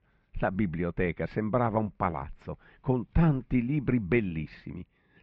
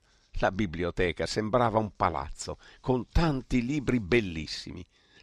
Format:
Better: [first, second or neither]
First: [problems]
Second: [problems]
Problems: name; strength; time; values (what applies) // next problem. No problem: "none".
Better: second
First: muffled; very; fading above 2.5 kHz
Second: none